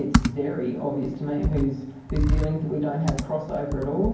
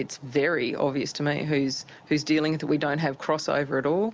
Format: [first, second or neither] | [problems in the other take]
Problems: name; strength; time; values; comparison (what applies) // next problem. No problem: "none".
second | background sound (Computer keyboard); 1 dB below the speech // room echo; dies away in 0.9 s